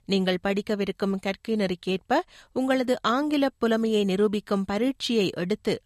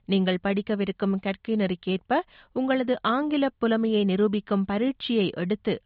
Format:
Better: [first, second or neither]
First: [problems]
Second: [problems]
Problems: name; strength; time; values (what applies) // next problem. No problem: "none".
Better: first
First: none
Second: muffled; slightly; fading above 3.5 kHz